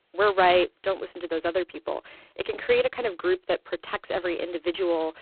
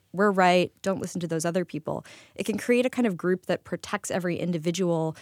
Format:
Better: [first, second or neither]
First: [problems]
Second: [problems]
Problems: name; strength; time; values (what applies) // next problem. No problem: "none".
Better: second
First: phone-call audio; poor line; nothing above 4 kHz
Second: none